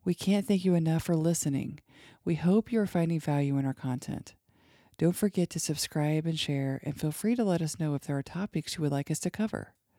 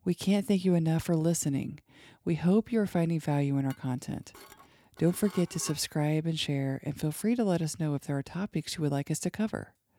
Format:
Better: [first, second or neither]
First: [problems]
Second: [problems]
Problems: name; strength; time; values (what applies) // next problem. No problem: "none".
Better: first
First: none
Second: clattering dishes; faint; from 3.5 to 6 s; peak 15 dB below the speech